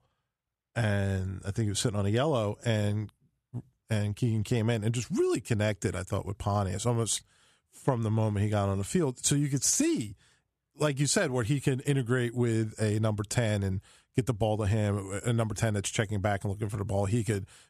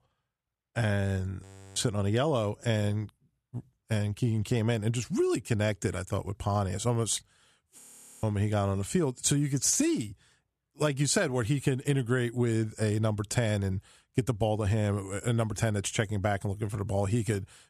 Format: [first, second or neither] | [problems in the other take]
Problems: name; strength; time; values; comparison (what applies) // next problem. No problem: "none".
first | audio freezing; at 1.5 s and at 8 s